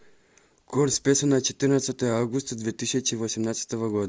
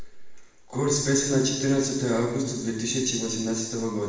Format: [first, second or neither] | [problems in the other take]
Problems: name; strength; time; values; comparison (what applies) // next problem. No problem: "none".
first | room echo; dies away in 1 s